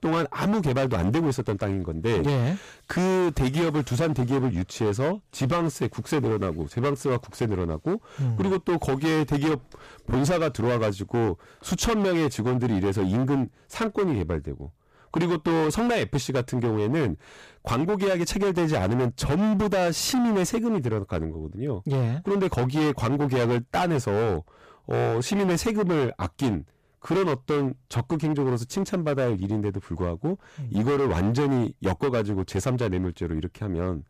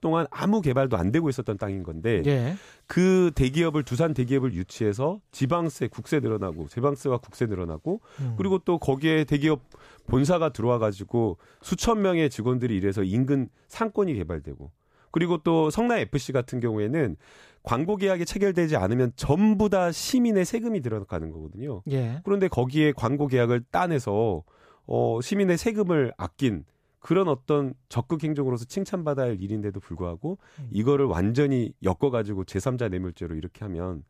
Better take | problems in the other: second | distortion; heavy; 19% of the sound clipped

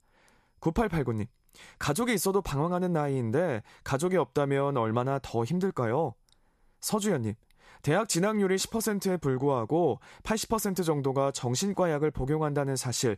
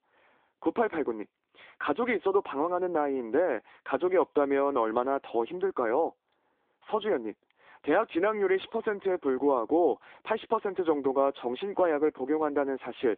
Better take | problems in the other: first | phone-call audio

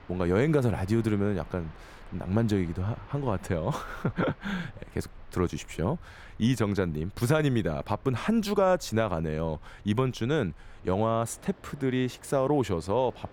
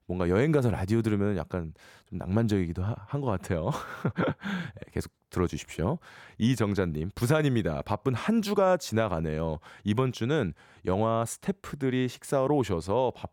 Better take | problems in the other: second | train or aircraft noise; faint; throughout; 25 dB below the speech

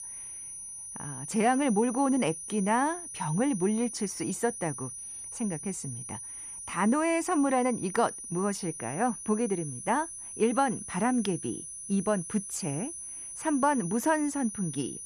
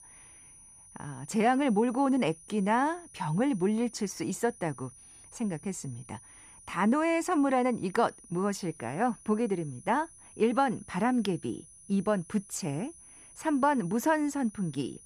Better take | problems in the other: second | high-pitched whine; loud; throughout; 9.5 kHz, 9 dB below the speech; faint in the second

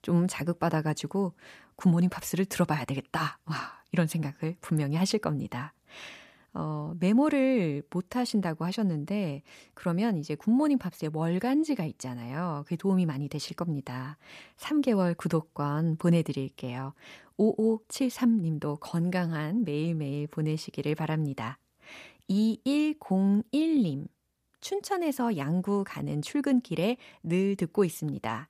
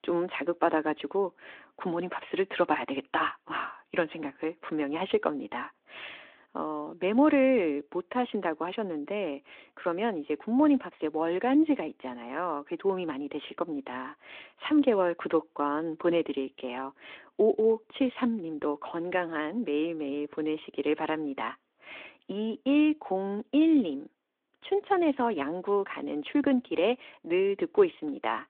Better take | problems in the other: first | phone-call audio

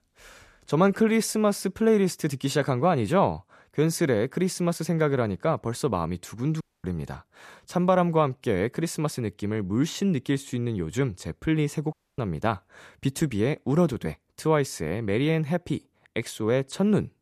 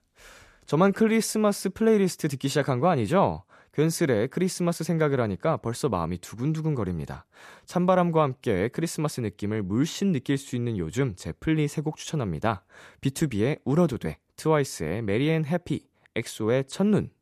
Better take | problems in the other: second | audio cutting out; at 6.5 s and at 12 s

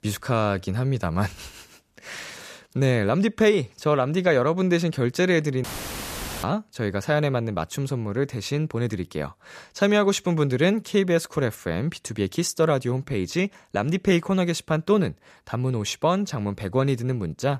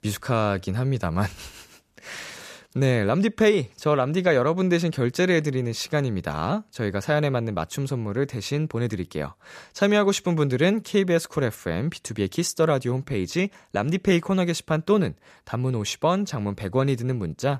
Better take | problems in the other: second | audio cutting out; filled with static; at 5.5 s for 1 s

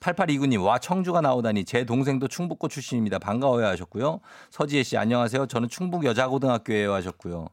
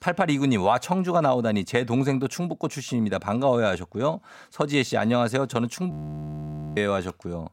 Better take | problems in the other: first | audio freezing; at 6 s for 1 s

